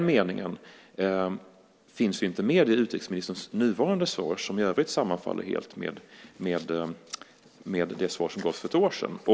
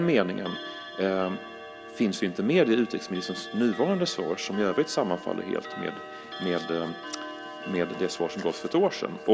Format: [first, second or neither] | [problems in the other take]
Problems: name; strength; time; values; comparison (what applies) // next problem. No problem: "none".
first | background sound (Clock); 12 dB below the speech